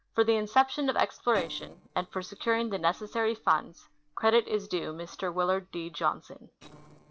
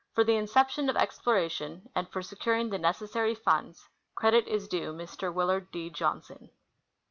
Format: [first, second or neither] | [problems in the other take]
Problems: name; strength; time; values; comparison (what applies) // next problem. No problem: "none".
second | noise reduction (neural separator model SepFormer DNS4)